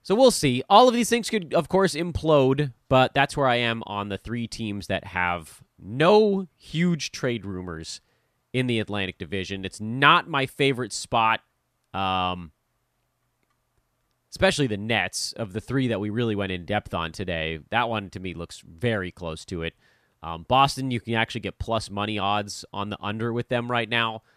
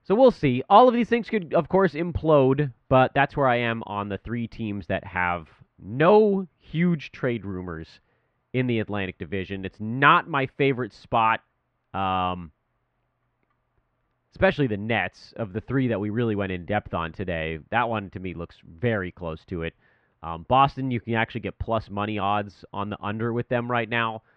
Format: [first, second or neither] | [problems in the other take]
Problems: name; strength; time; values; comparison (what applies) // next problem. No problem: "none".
first | muffled; very; fading above 2.5 kHz